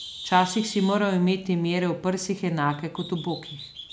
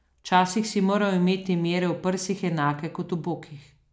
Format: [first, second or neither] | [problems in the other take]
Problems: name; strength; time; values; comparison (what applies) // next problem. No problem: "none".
second | background sound (Bird); 17 dB below the speech